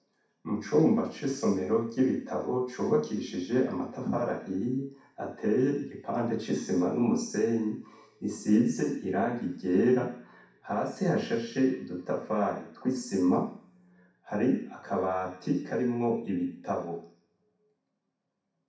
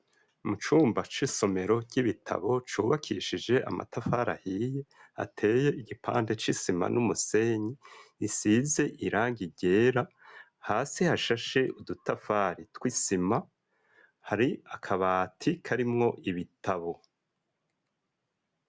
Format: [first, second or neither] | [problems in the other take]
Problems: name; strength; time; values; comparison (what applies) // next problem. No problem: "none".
second | room echo; dies away in 0.6 s